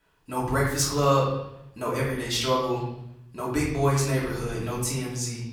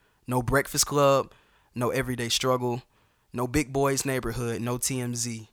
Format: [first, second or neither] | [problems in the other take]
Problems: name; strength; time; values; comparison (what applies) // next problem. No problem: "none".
second | room echo; noticeable; dies away in 0.9 s // off-mic speech; far